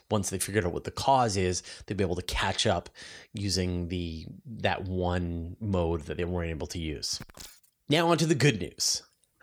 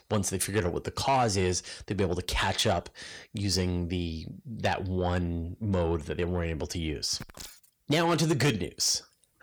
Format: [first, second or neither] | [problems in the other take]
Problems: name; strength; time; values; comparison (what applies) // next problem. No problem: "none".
first | distortion; slight; 10 dB below the speech